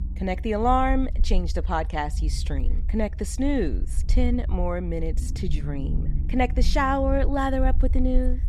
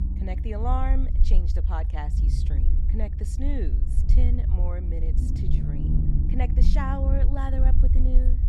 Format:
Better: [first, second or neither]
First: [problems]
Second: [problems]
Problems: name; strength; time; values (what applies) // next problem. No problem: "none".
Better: first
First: low rumble; faint; throughout; 20 dB below the speech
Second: low rumble; loud; throughout; 6 dB below the speech